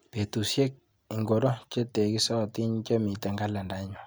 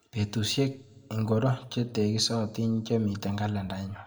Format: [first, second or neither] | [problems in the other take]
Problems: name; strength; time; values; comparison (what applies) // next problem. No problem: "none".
first | room echo; dies away in 0.4 s